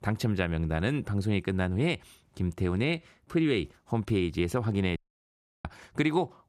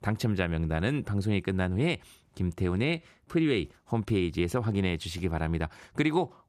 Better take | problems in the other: second | audio cutting out; at 5 s for 0.5 s

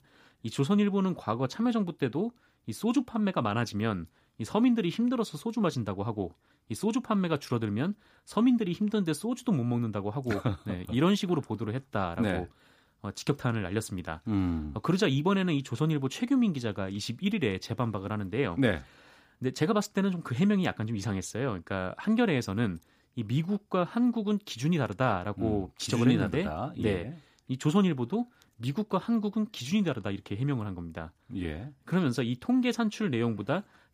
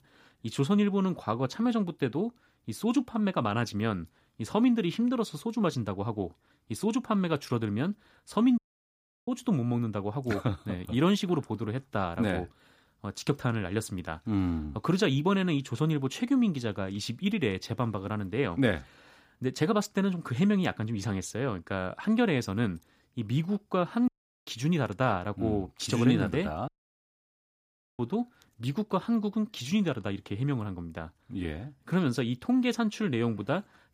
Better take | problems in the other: first | audio cutting out; at 8.5 s for 0.5 s, at 24 s and at 27 s for 1.5 s

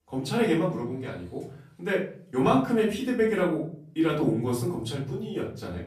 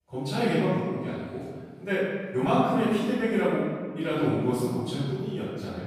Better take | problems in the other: first | room echo; strong; dies away in 1.5 s; slight in the first // off-mic speech; far; far in the first

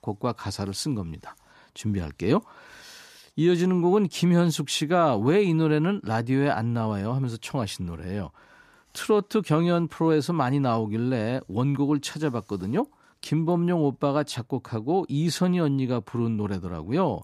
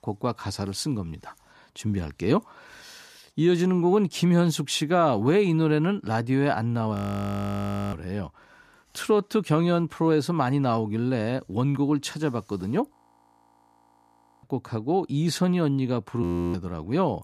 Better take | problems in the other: first | audio freezing; at 7 s for 1 s, at 13 s for 1.5 s and at 16 s

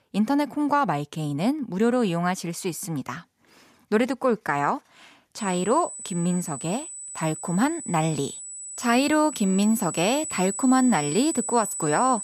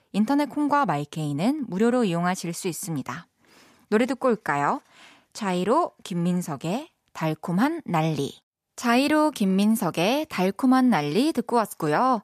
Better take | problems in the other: second | high-pitched whine; loud; from 5.5 s on; 8 kHz, 8 dB below the speech

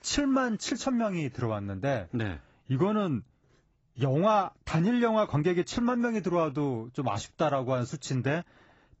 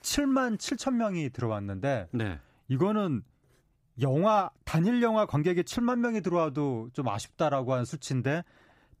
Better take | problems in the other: second | garbled, watery; badly; nothing above 7.5 kHz

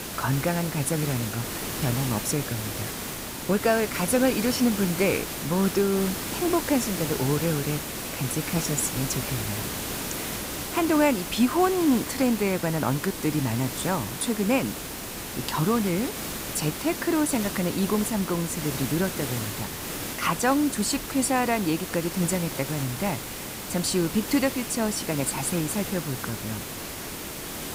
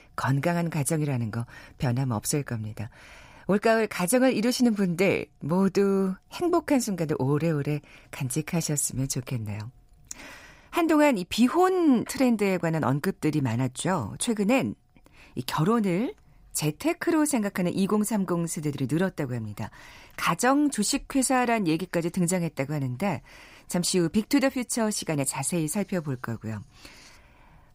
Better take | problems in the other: second | hiss; loud; throughout; 5 dB below the speech

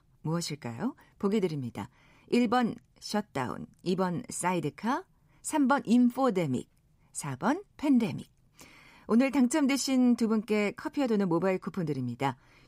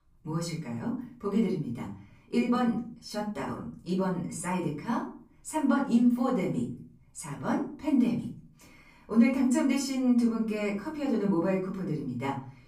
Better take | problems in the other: first | off-mic speech; far // room echo; slight; dies away in 0.4 s

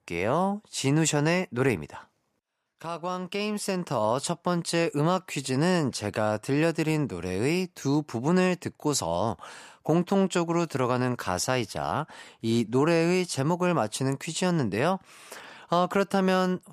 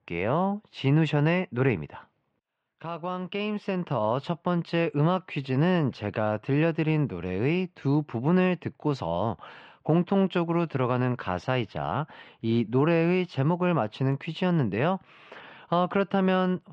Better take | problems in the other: first | muffled; very; fading above 3 kHz

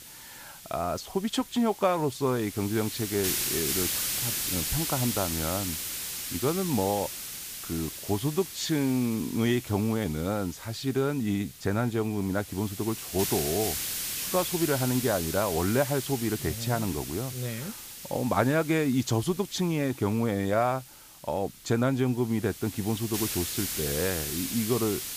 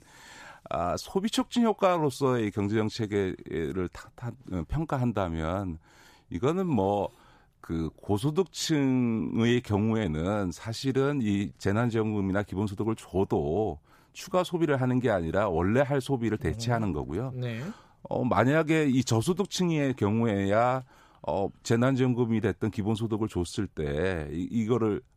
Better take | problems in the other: second | hiss; loud; throughout; 3 dB below the speech

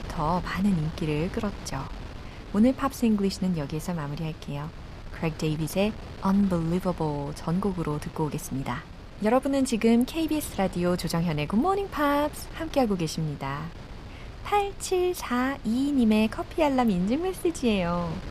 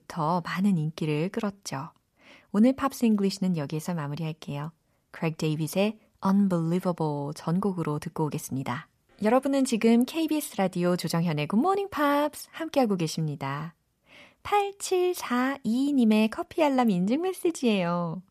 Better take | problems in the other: second | wind noise on the microphone; occasional gusts; 15 dB below the speech

